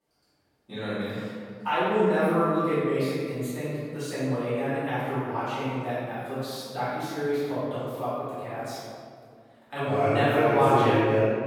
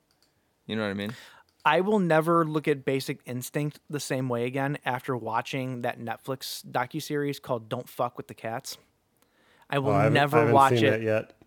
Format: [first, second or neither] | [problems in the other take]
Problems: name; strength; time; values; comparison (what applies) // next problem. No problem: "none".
second | off-mic speech; far // room echo; strong; dies away in 1.9 s